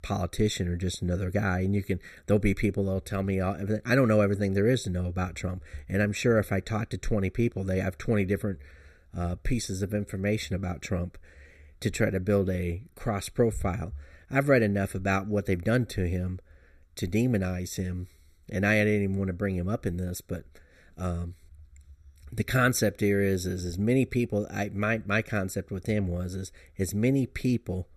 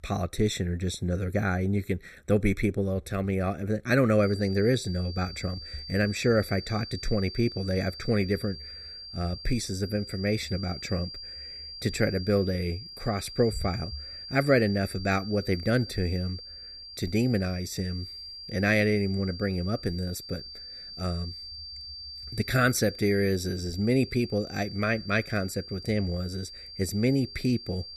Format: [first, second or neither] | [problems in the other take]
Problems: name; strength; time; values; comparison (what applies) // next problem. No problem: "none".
first | high-pitched whine; noticeable; from 4 s on; 4.5 kHz, 10 dB below the speech